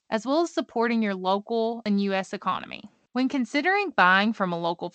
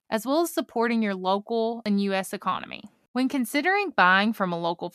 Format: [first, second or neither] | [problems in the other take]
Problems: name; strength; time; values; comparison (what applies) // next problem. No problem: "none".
second | garbled, watery; slightly; nothing above 8 kHz